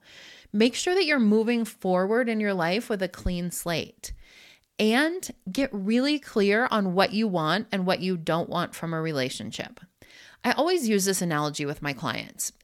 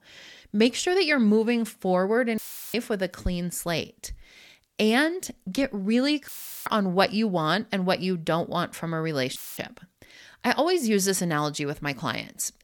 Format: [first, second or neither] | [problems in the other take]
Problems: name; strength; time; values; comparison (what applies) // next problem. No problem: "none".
first | audio cutting out; filled with static; at 2.5 s, at 6.5 s and at 9.5 s